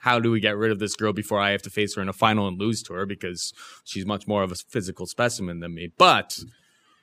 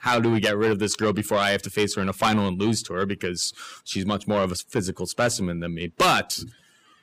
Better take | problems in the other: first | distortion; heavy; 6 dB below the speech

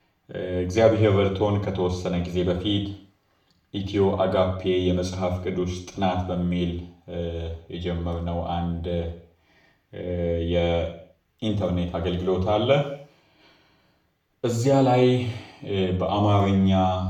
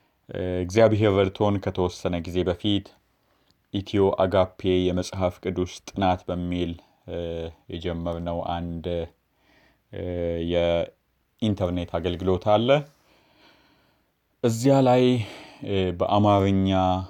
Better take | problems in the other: second | room echo; slight; dies away in 0.5 s // off-mic speech; somewhat distant

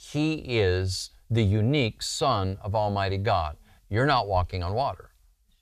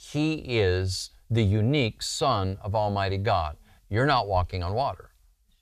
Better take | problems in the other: neither | none

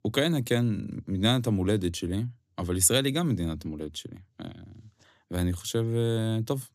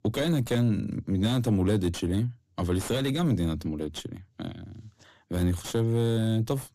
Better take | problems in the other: first | distortion; heavy; 6 dB below the speech

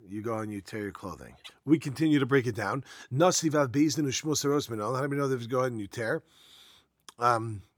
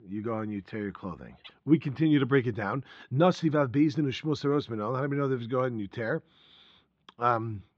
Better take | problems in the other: first | muffled; slightly; fading above 3.5 kHz

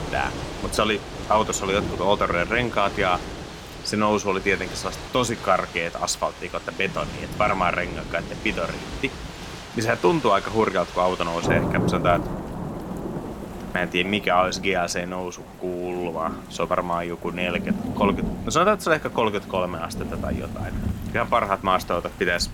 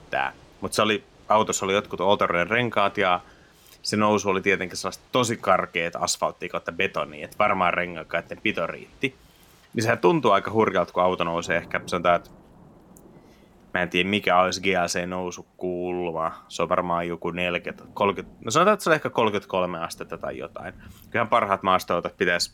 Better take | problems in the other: second | rain or running water; loud; throughout; 8 dB below the speech; faint in the second

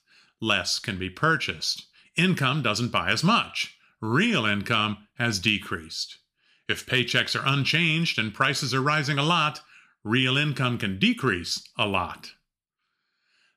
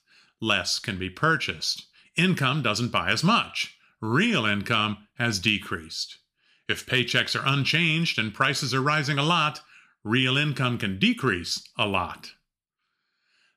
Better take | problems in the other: neither | none

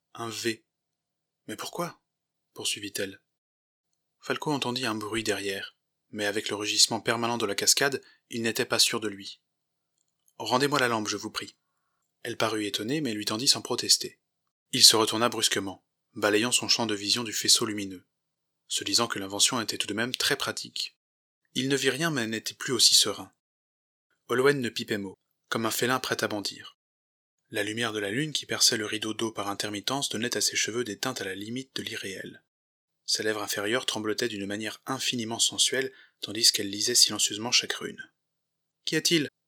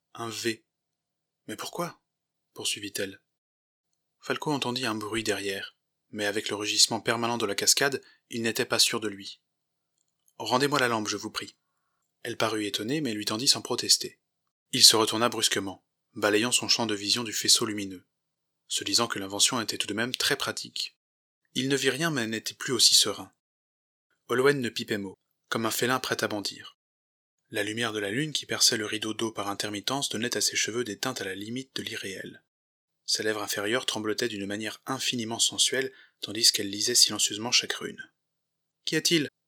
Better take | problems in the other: neither | thin; somewhat; fading below 800 Hz; the same in both

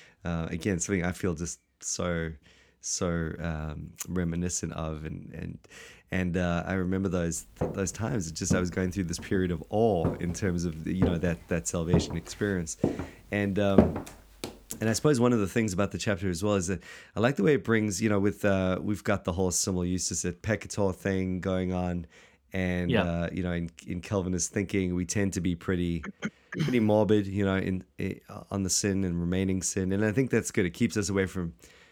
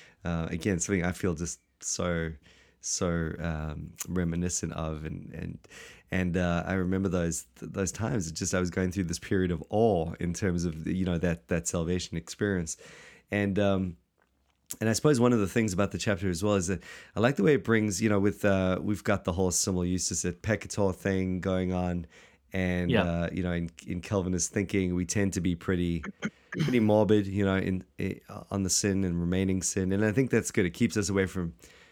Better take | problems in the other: second | footsteps; loud; from 7.5 to 14 s; peak 5 dB above the speech

